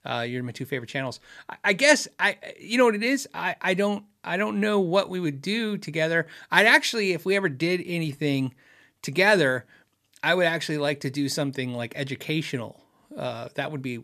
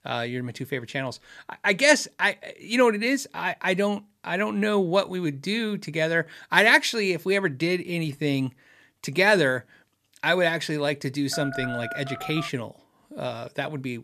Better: first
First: none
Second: phone ringing; noticeable; from 11 to 12 s; peak 8 dB below the speech

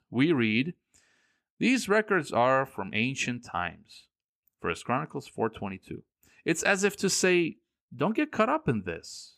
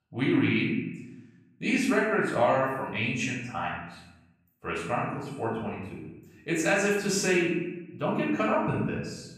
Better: first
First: none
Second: off-mic speech; far // room echo; noticeable; dies away in 0.8 s

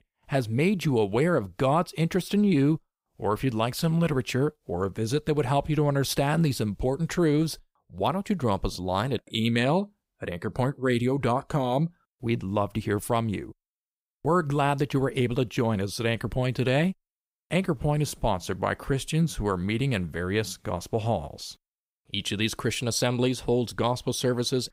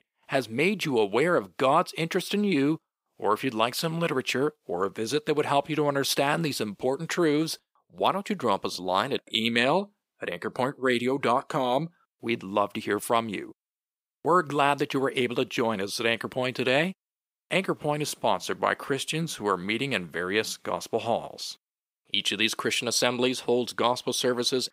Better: first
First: none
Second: thin; very slightly; fading below 250 Hz

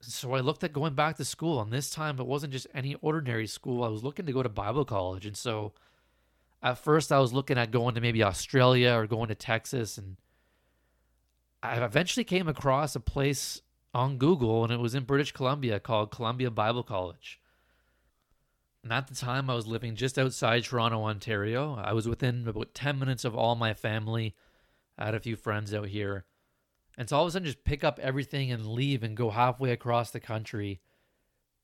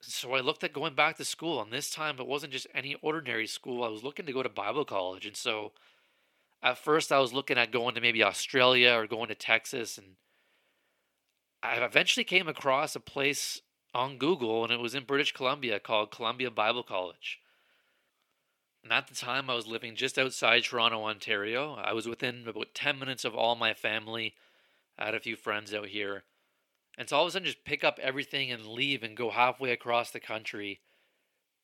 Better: first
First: none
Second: thin; somewhat; fading below 300 Hz

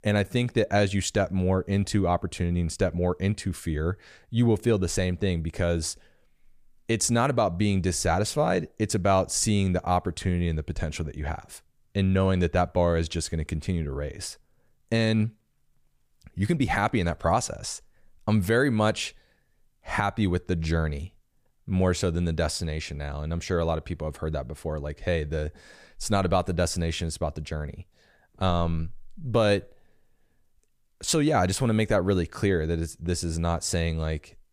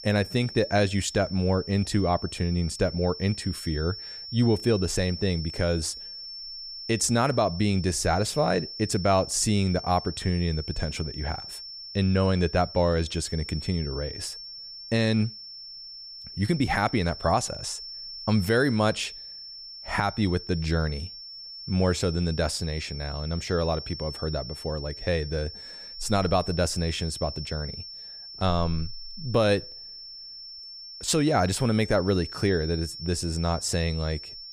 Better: first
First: none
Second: high-pitched whine; noticeable; throughout; 5.5 kHz, 10 dB below the speech

